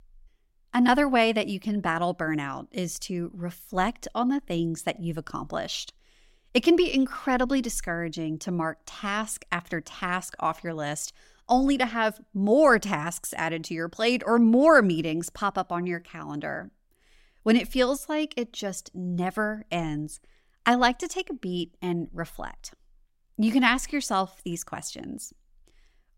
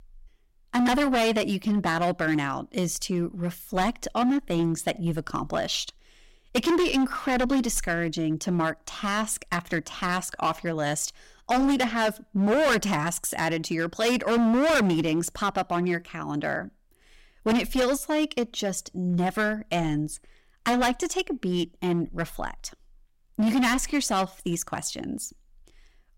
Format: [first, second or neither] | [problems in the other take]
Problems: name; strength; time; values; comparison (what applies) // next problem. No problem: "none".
first | distortion; heavy; 11% of the sound clipped